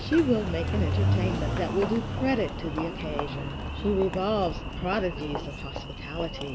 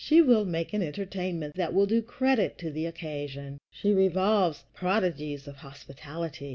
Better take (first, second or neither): second